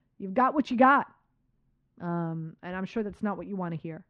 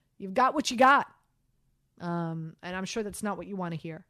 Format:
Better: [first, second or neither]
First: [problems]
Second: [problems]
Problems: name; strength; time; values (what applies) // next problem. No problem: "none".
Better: second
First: muffled; very; fading above 2 kHz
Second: none